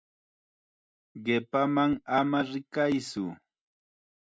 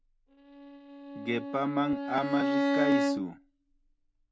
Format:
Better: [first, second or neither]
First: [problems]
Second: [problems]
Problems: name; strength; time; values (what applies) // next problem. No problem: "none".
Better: first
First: none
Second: background sound (Bowed string instrument); 2 dB above the speech